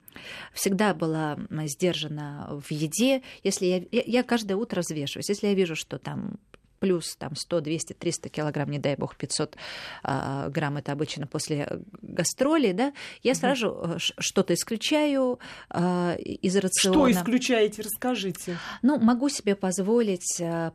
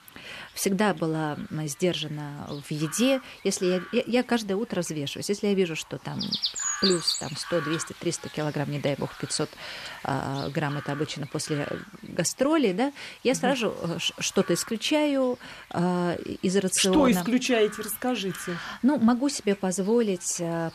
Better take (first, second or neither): first